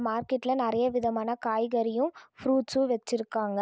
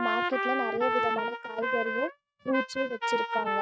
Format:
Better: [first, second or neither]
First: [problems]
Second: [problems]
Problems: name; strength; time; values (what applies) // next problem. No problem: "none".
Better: first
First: none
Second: noise reduction (neural mask model RNNoise)